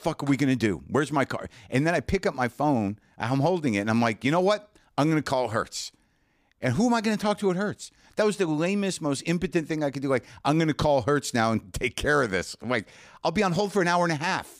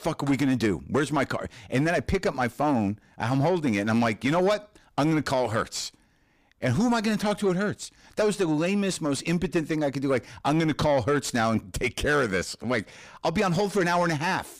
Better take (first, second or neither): first